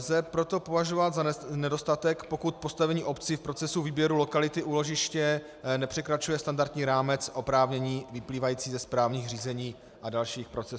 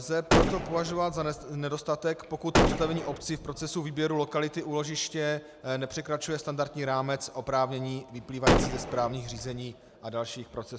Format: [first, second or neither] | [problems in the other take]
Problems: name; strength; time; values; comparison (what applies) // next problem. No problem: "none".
first | background sound (Gunshot, gunfire); 4 dB above the speech